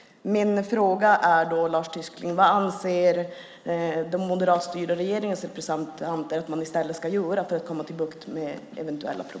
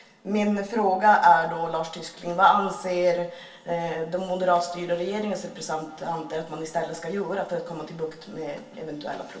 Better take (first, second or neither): first